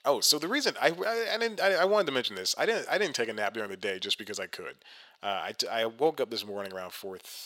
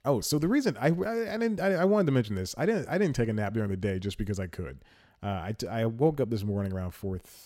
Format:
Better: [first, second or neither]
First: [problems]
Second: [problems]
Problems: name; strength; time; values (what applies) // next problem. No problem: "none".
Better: second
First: thin; very; fading below 600 Hz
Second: none